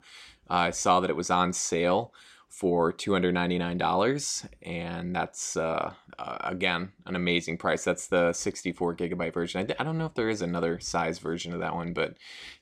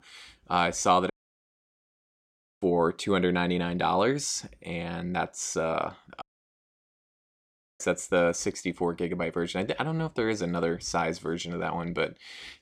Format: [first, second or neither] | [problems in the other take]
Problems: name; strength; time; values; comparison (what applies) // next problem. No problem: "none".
first | audio cutting out; at 1 s for 1.5 s and at 6 s for 1.5 s